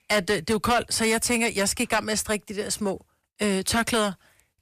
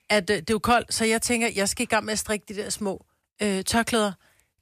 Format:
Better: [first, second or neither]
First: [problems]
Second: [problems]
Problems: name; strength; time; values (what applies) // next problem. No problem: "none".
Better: second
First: distortion; slight; 8% of the sound clipped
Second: none